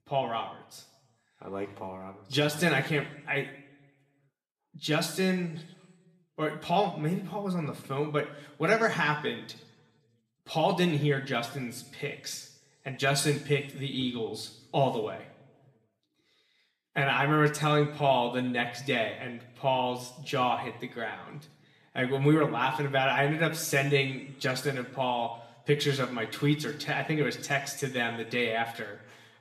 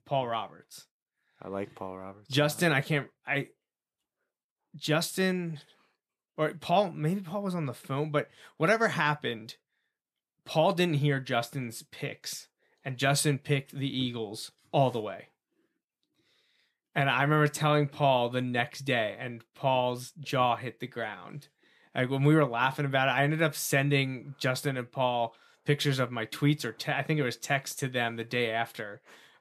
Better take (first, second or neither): second